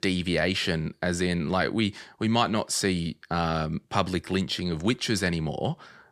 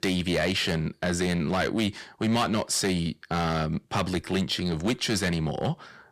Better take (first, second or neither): first